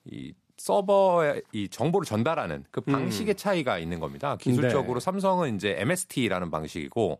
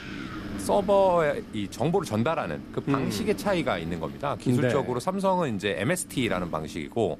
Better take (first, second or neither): first